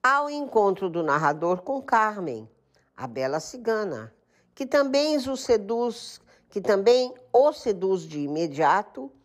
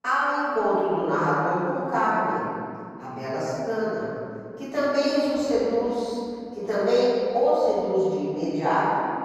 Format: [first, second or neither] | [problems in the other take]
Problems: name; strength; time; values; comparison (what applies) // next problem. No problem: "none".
first | off-mic speech; far // room echo; strong; dies away in 2.5 s